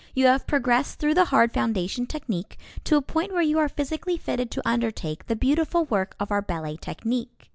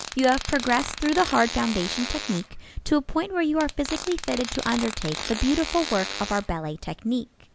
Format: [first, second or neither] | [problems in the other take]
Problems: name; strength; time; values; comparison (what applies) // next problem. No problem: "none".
first | background sound (Fart); 10 dB below the speech